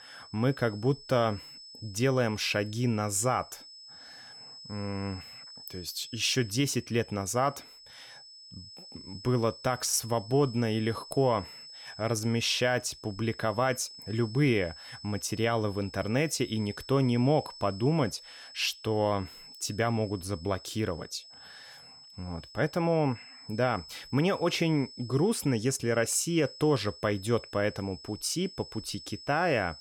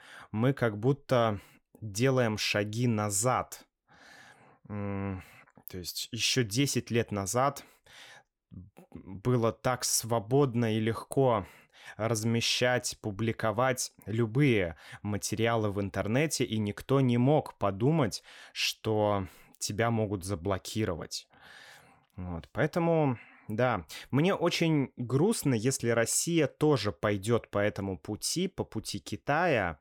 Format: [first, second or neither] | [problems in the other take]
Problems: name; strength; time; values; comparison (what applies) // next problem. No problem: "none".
second | high-pitched whine; noticeable; throughout; 5 kHz, 15 dB below the speech